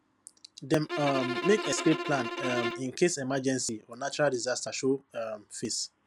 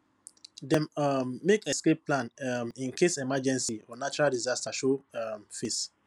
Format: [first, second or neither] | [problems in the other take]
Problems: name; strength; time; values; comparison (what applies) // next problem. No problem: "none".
second | background sound (Bowed string instrument); 5 dB below the speech